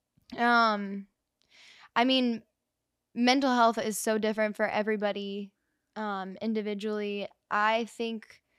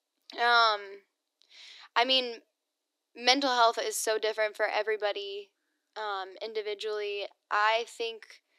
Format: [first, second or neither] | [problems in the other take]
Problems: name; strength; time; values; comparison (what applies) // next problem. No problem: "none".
first | thin; somewhat; fading below 300 Hz